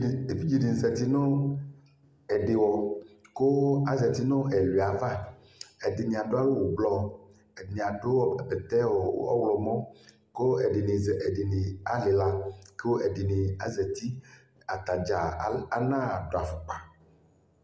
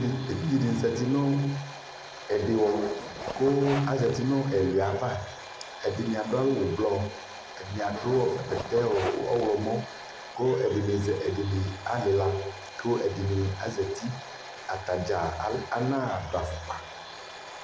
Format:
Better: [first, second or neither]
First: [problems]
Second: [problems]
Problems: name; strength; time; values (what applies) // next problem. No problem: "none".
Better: first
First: none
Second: background sound (Domestic sounds, home sounds + Zipper (clothing)); 12 dB below the speech